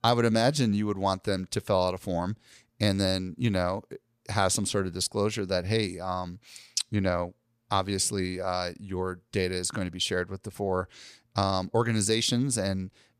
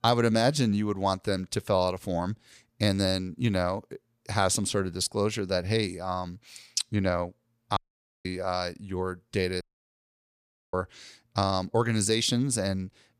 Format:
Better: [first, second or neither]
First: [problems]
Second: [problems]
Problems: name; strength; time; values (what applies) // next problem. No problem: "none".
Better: first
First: none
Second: audio cutting out; at 8 s and at 9.5 s for 1 s